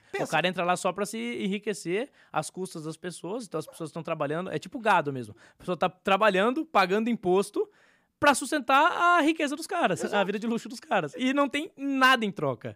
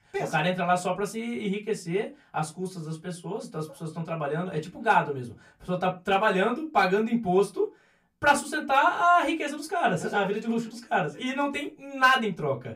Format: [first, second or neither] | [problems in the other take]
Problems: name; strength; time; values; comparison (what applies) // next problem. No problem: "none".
first | off-mic speech; far // room echo; very slight; dies away in 0.2 s